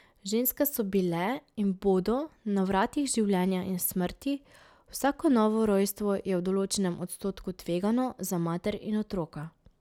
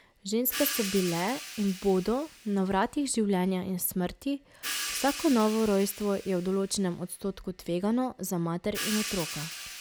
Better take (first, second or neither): first